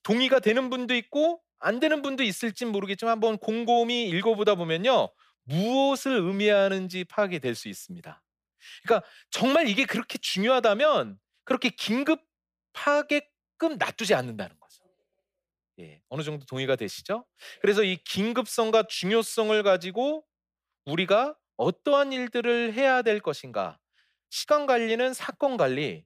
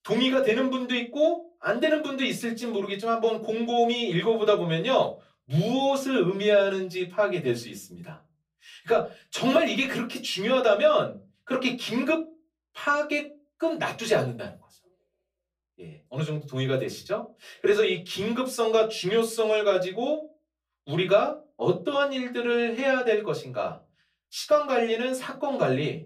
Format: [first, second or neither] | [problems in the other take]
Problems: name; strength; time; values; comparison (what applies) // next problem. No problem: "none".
first | off-mic speech; far // room echo; very slight; dies away in 0.2 s